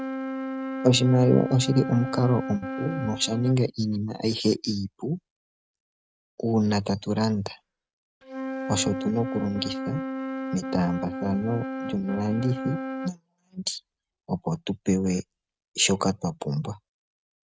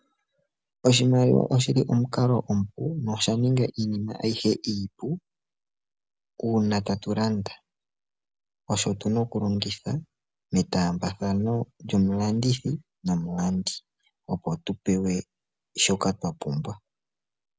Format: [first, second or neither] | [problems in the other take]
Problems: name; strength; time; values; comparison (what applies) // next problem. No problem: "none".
second | noise reduction (neural mask model RNNoise)